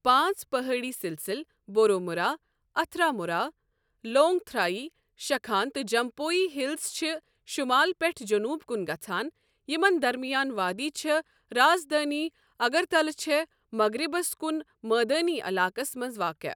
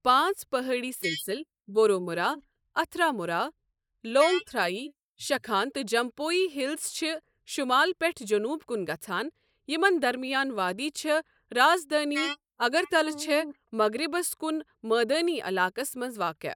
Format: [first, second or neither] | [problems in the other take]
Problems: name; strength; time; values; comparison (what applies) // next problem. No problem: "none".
first | noise reduction (neural mask model Resemble Enhance denoiser)